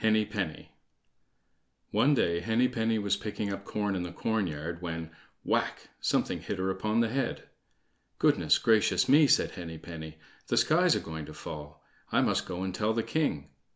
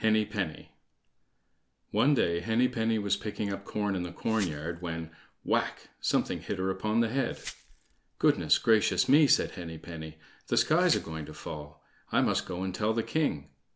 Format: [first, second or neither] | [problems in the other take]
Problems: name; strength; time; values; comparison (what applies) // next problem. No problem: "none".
first | background sound (Glass); 18 dB below the speech